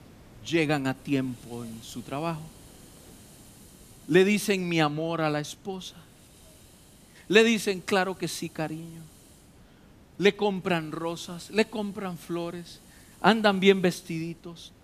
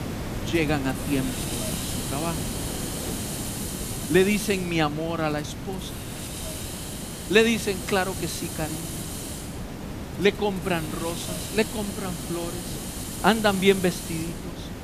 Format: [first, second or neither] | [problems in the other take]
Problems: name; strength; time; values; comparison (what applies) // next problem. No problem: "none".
first | hiss; loud; throughout; 6 dB below the speech; faint in the first